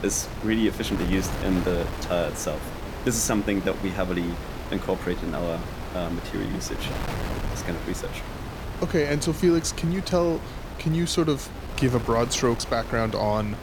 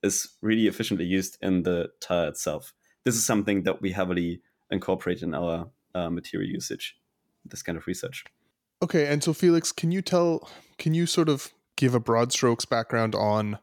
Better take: second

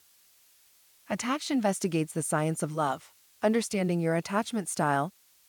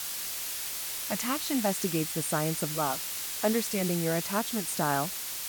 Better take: first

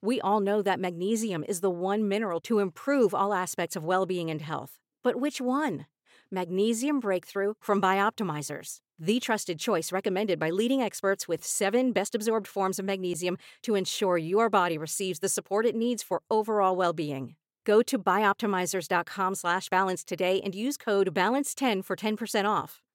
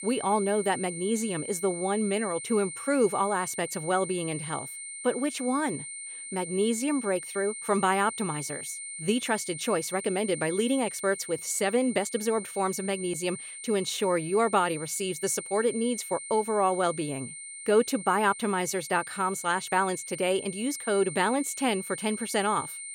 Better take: first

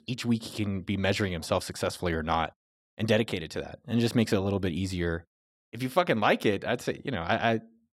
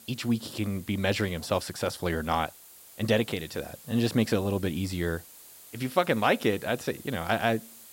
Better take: first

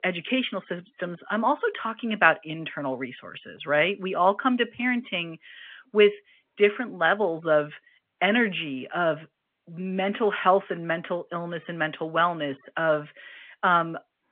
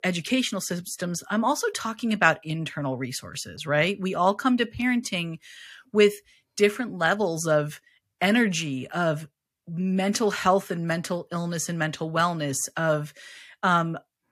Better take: second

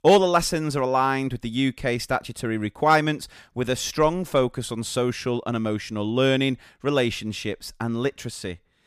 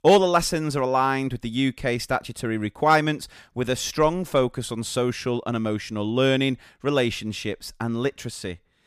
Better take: neither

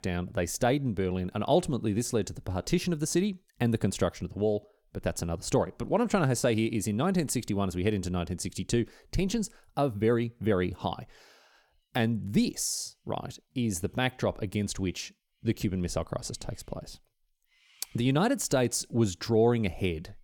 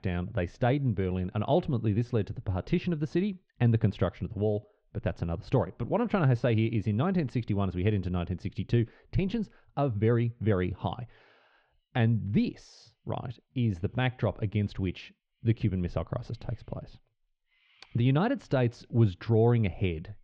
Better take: first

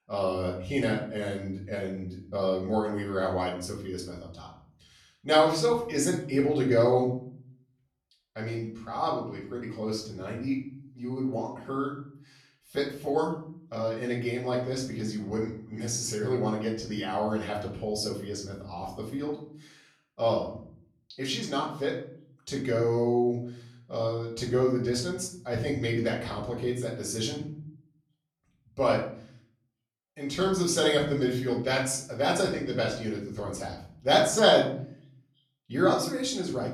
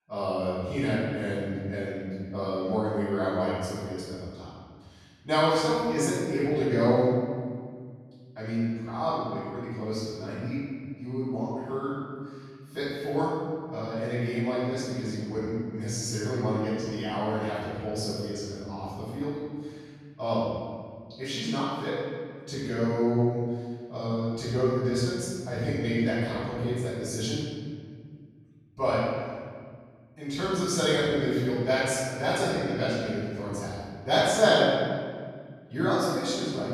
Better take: first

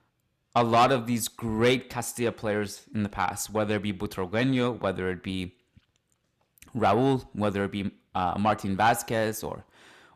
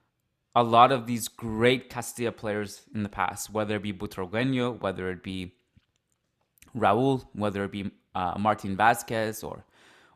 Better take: second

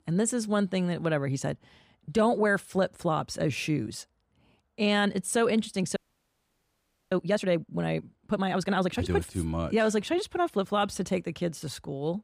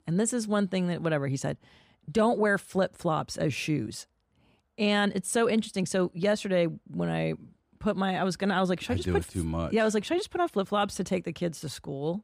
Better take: second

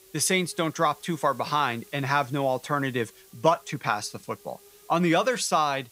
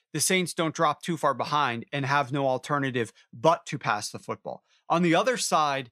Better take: second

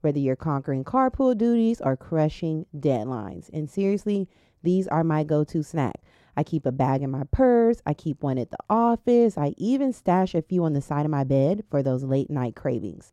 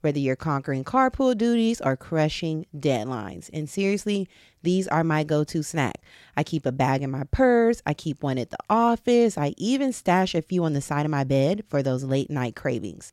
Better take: second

